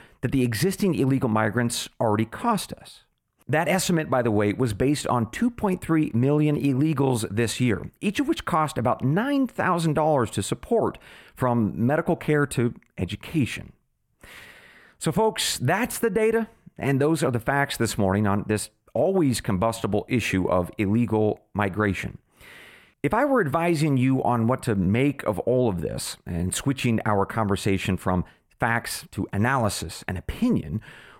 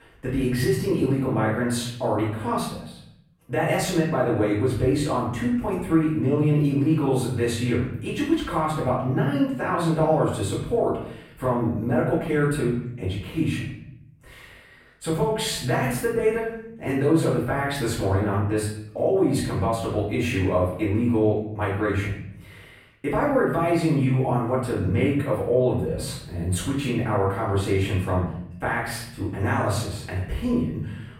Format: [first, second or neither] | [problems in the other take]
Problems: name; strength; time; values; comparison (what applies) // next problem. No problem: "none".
first | off-mic speech; far // room echo; noticeable; dies away in 0.7 s